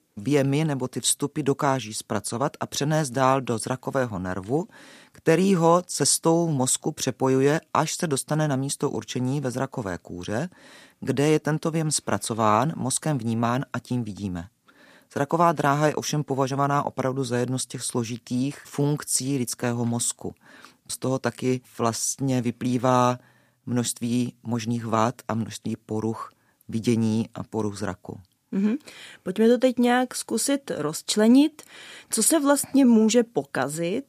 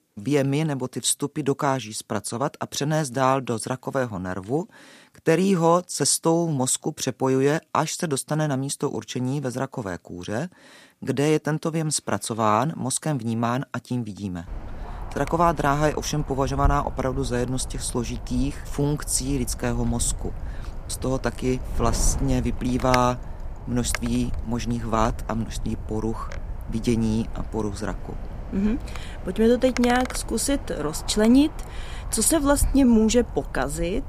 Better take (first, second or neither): first